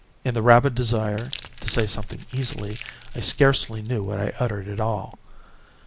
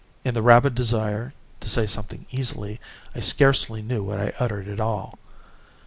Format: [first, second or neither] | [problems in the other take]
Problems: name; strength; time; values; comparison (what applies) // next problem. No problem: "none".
second | background sound (Crumpling, crinkling); 18 dB below the speech